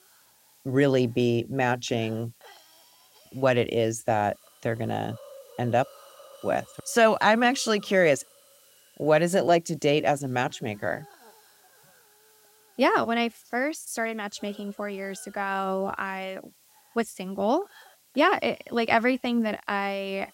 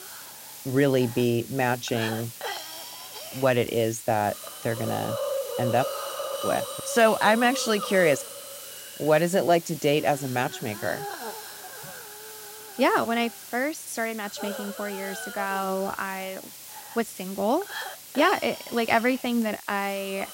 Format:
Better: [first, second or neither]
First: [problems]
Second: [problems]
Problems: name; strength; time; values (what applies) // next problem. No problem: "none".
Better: first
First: hiss; faint; throughout; 25 dB below the speech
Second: hiss; loud; throughout; 10 dB below the speech